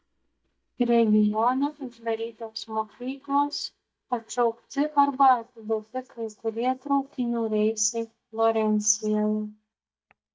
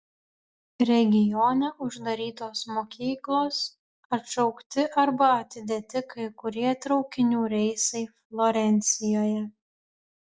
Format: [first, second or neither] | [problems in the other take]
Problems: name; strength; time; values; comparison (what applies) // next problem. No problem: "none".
second | noise reduction (neural mask model DeepFilterNet 3)